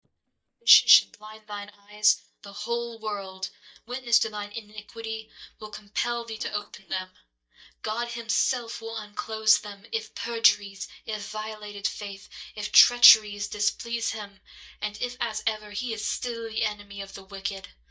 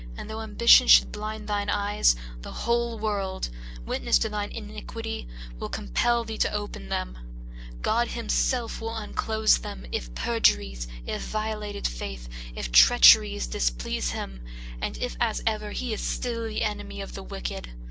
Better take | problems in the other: second | noise reduction (neural mask model DeepFilterNet 3)

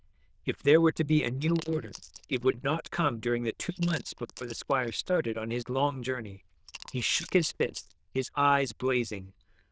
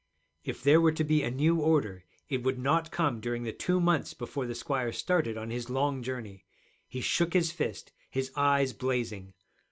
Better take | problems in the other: second | noise reduction (neural diffusion model UNIVERSE++)

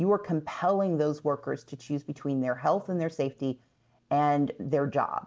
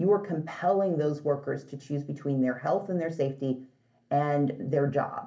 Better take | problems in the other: first | room echo; dies away in 0.3 s

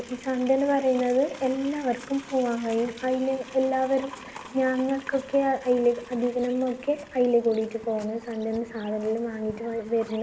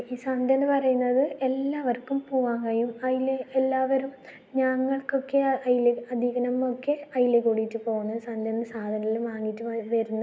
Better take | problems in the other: second | background sound (Livestock, farm animals, working animals); 19 dB below the speech

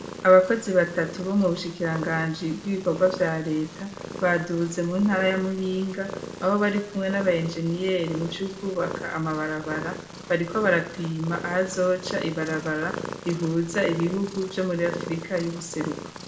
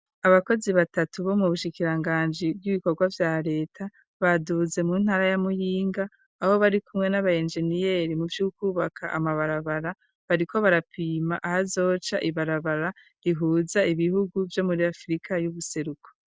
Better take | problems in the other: second | background sound (Purr); 12 dB below the speech // room echo; dies away in 0.6 s

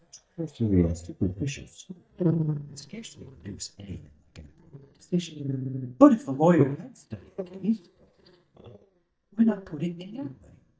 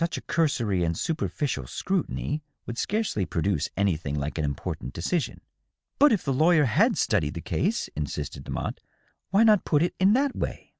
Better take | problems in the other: second | noise reduction (neural mask model DeepFilterNet 3)

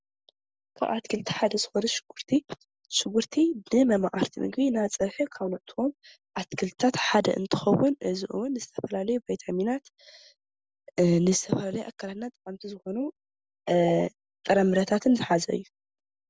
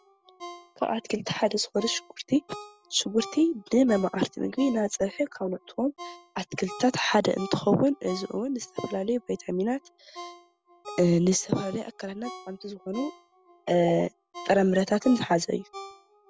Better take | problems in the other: first | background sound (Ringtone); 18 dB below the speech

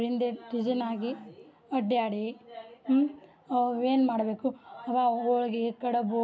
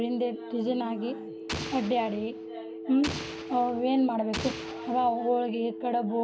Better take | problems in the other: first | background sound (Explosion + Telephone); 9 dB below the speech

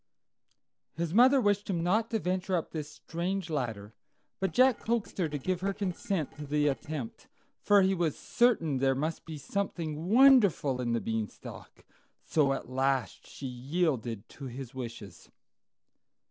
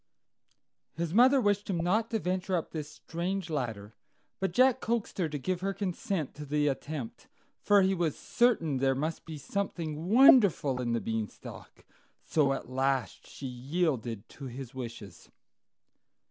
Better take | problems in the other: second | noise reduction (neural separator model SepFormer DNS4)

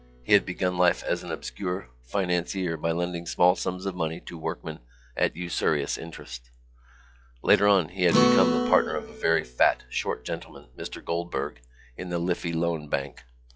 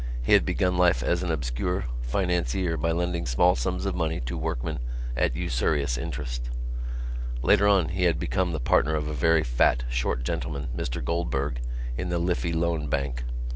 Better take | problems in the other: second | noise reduction (classical method log-MMSE)

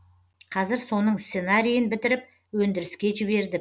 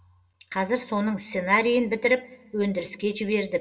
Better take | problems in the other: first | room echo; dies away in 0.3 s

